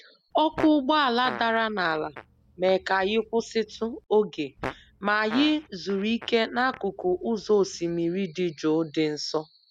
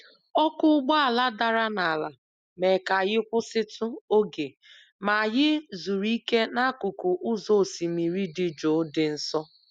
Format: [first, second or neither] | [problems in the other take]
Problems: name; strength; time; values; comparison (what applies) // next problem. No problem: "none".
second | background sound (Fart); 16 dB below the speech